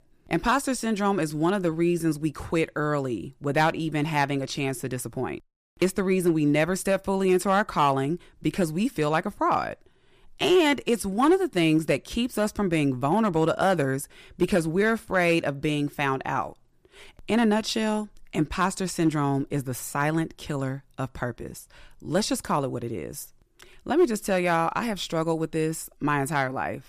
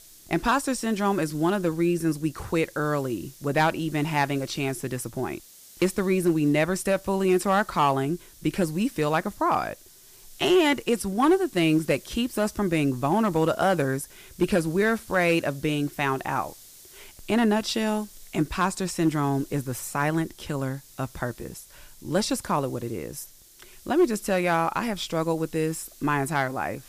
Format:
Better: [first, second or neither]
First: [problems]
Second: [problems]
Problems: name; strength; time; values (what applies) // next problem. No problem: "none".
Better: first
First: none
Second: hiss; faint; throughout; 20 dB below the speech